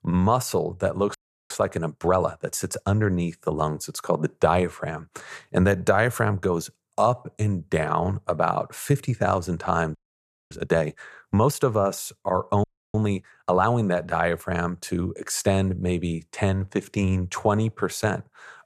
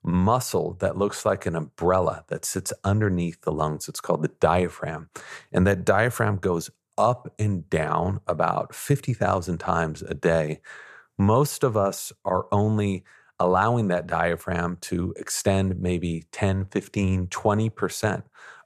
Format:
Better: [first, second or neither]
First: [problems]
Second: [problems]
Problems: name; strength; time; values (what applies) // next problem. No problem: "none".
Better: second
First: audio freezing; at 1 s, at 10 s for 0.5 s and at 13 s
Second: none